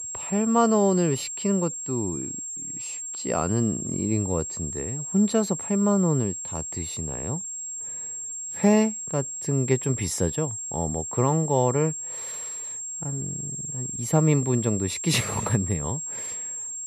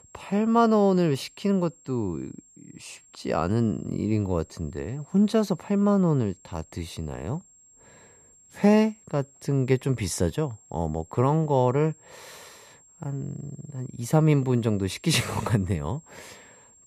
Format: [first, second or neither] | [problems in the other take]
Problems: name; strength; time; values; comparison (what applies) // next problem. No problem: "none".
second | high-pitched whine; loud; throughout; 7.5 kHz, 5 dB below the speech; faint in the second